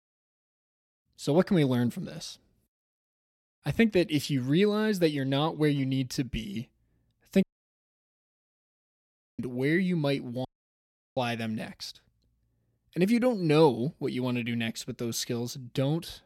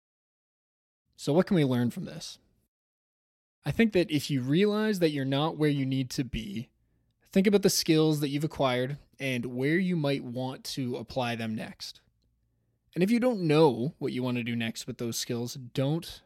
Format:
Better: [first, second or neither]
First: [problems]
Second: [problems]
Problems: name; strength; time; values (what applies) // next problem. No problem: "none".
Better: second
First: audio cutting out; at 7.5 s for 2 s and at 10 s for 0.5 s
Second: none